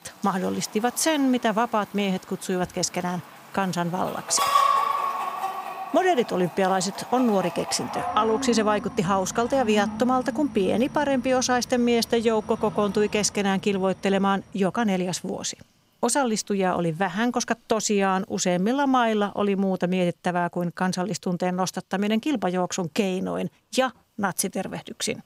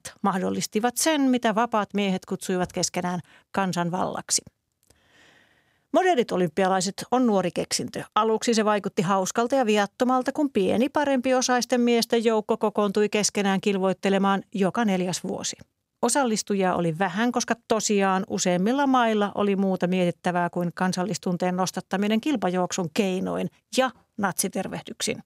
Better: second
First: animal sounds; loud; throughout; 6 dB below the speech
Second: none

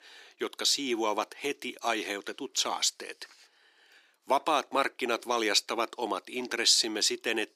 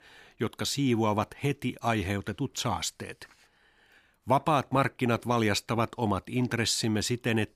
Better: second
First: thin; somewhat; fading below 350 Hz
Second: none

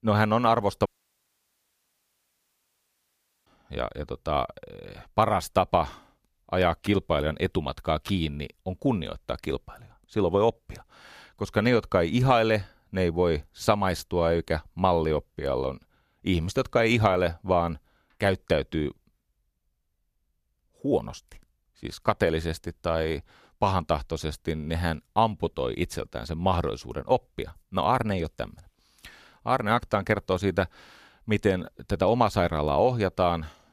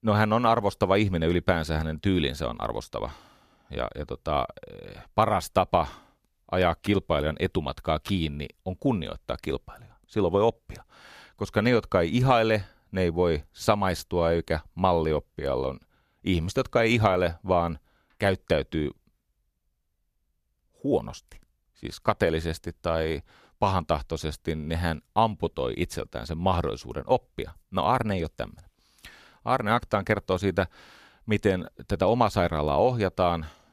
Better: second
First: audio cutting out; at 1 s for 2.5 s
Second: none

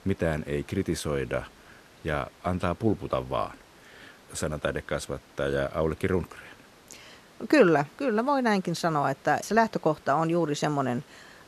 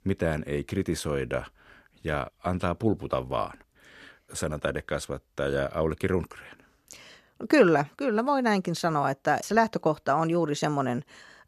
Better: second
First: hiss; faint; throughout; 25 dB below the speech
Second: none

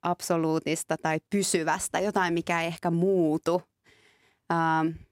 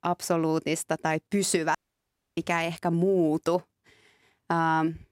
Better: first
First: none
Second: audio cutting out; at 2 s for 0.5 s

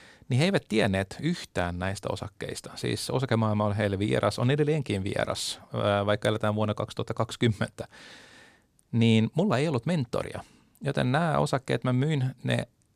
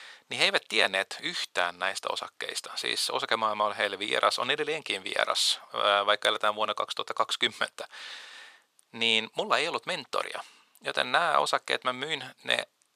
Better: first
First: none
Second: thin; very; fading below 650 Hz

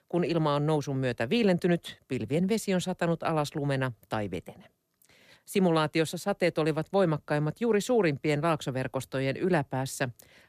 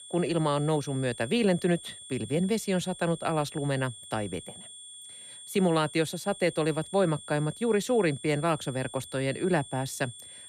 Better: first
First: none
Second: high-pitched whine; noticeable; throughout; 3.5 kHz, 15 dB below the speech

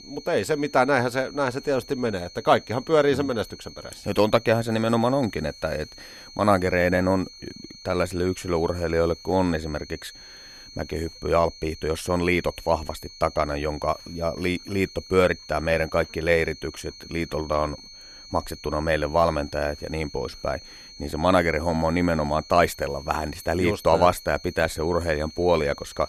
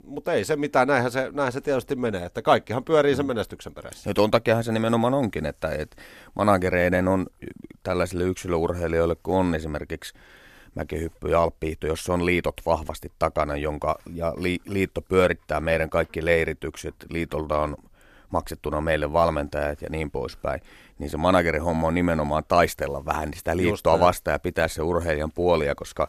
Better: second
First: high-pitched whine; noticeable; throughout; 4.5 kHz, 20 dB below the speech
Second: none

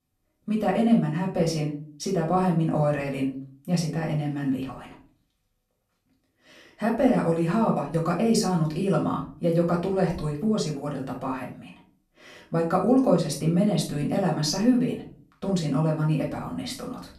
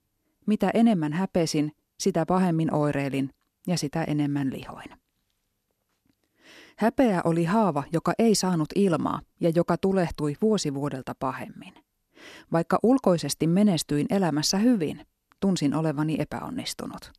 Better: second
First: off-mic speech; far // room echo; slight; dies away in 0.4 s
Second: none

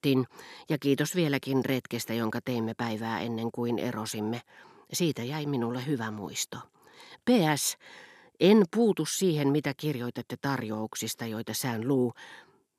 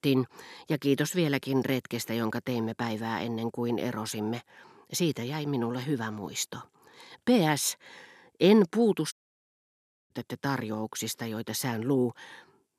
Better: first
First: none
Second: audio cutting out; at 9 s for 1 s

